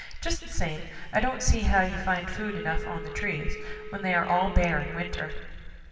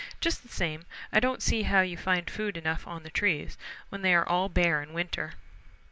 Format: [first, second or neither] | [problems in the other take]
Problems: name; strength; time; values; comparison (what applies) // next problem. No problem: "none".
second | background sound (Wind instrument, woodwind instrument); 14 dB below the speech // room echo; dies away in 2 s